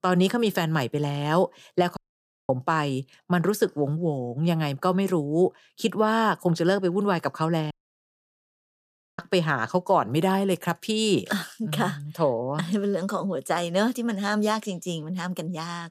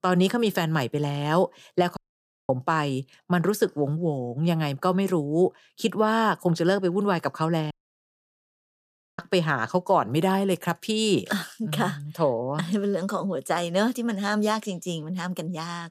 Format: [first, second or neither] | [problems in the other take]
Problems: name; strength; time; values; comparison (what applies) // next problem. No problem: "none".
neither | audio cutting out; at 2 s for 0.5 s and at 7.5 s for 1.5 s; the same in both